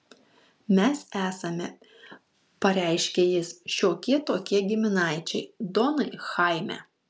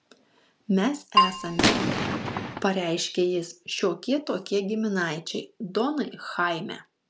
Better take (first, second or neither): first